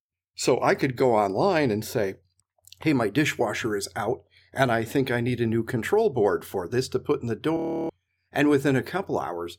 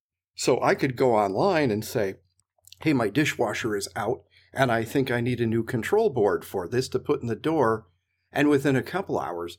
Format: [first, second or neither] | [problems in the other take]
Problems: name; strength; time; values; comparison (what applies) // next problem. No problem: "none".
second | audio freezing; at 7.5 s